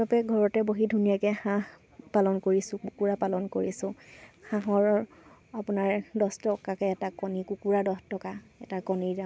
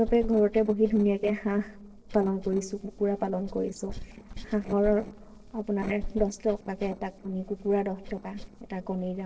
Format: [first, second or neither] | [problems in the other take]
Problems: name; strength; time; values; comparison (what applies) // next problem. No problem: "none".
first | noise reduction (neural separator model SepFormer DNS4)